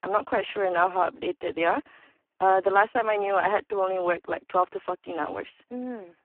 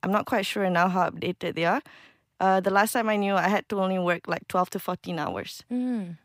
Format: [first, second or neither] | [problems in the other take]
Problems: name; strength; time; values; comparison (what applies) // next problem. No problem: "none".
second | phone-call audio; poor line